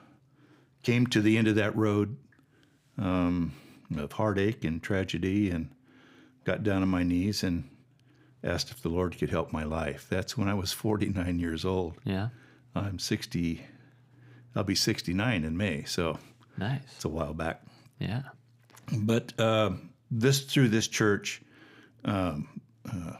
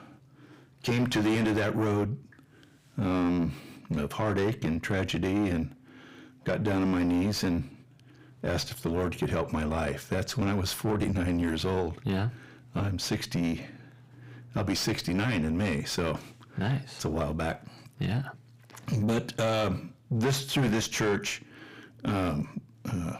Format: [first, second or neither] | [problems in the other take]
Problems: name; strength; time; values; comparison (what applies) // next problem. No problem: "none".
first | distortion; heavy; 7 dB below the speech